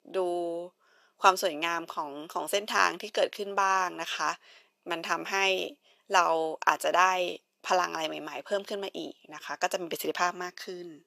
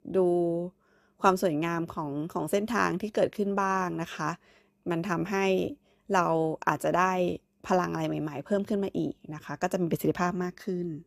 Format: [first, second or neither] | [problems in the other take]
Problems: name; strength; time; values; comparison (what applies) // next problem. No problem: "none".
second | thin; very; fading below 600 Hz